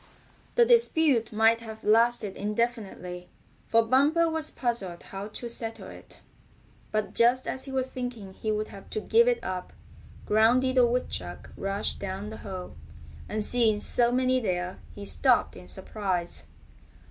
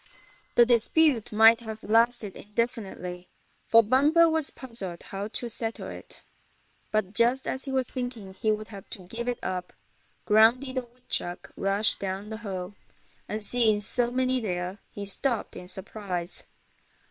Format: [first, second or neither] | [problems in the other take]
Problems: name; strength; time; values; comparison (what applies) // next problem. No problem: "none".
first | noise reduction (neural separator model SepFormer WHAM!)